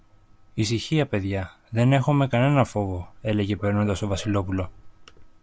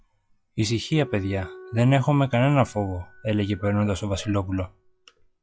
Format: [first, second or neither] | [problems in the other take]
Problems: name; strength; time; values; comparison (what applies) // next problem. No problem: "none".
first | noise reduction (classical method log-MMSE)